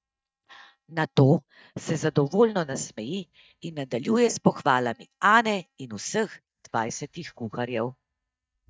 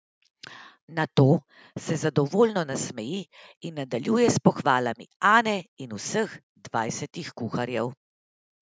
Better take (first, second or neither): second